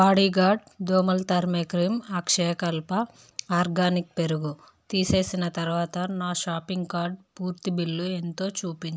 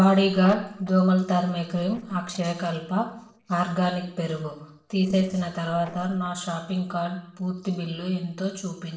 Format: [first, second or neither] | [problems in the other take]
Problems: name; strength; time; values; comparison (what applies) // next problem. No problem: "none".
first | noise reduction (neural separator model SepFormer DNS4)